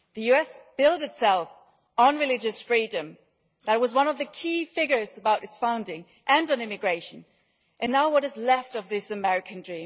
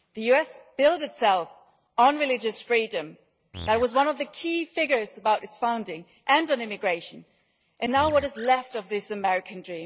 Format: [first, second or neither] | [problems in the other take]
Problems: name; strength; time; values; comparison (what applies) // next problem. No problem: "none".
first | background sound (Animal); 15 dB below the speech